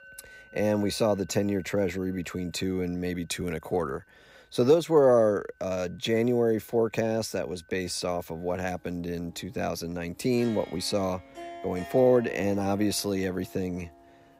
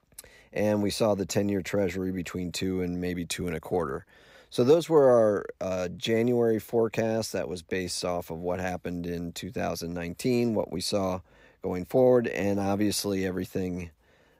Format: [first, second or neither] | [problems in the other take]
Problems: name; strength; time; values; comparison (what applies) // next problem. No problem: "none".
second | background music; faint; throughout; 20 dB below the speech